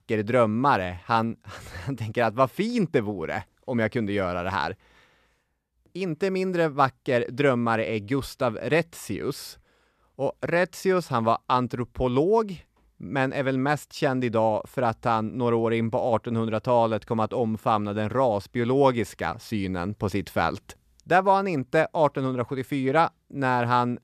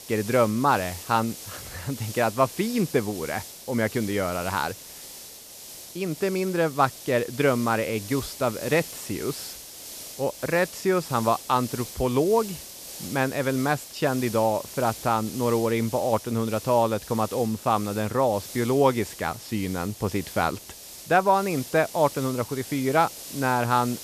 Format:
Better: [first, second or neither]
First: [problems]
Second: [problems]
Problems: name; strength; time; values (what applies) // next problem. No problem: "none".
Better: first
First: none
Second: hiss; noticeable; throughout; 15 dB below the speech